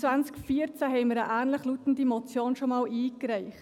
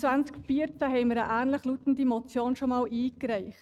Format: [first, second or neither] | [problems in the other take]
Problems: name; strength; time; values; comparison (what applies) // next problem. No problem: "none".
first | noise reduction (neural mask model RNNoise)